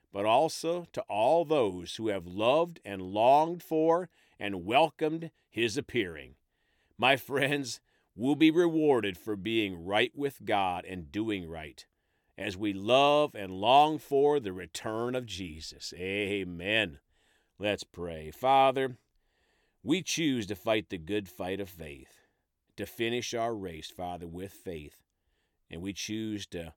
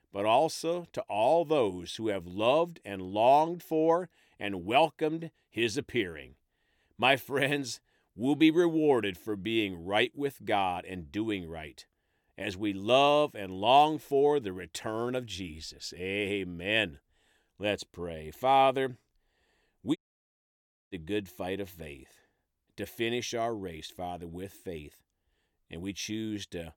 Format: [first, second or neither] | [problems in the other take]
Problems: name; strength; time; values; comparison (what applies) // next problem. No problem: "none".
first | audio cutting out; at 20 s for 1 s